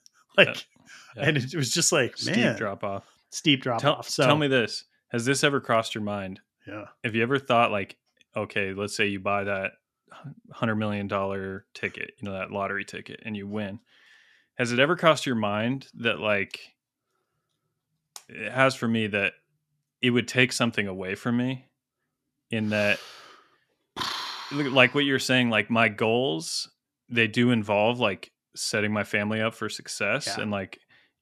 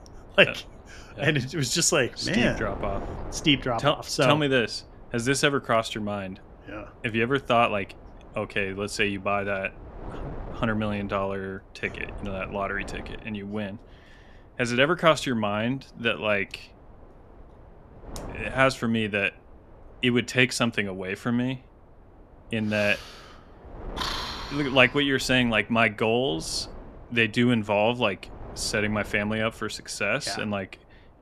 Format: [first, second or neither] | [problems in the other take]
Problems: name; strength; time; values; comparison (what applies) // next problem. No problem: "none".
first | wind noise on the microphone; occasional gusts; 25 dB below the speech